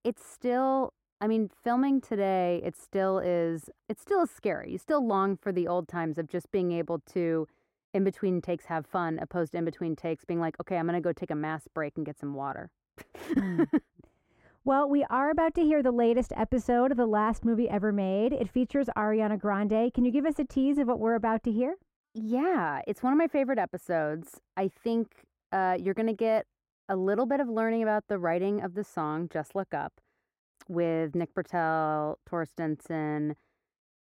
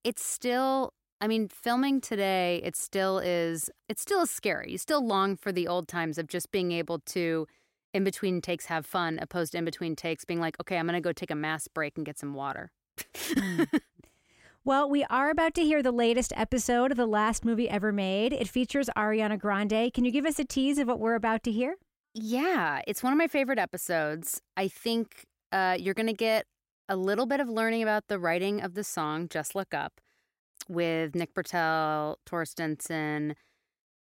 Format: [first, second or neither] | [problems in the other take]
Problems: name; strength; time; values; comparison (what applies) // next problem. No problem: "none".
second | muffled; very; fading above 2 kHz